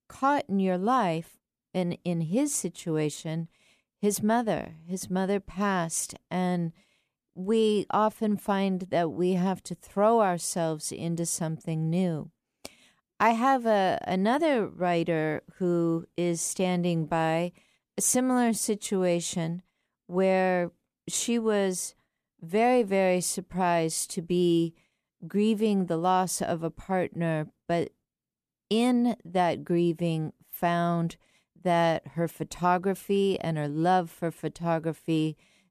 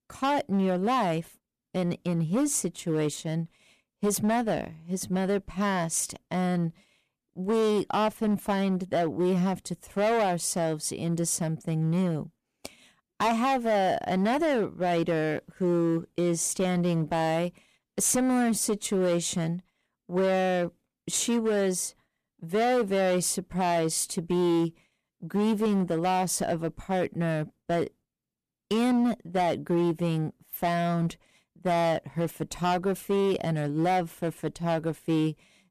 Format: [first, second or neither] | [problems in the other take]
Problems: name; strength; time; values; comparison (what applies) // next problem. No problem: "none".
first | distortion; slight; 10% of the sound clipped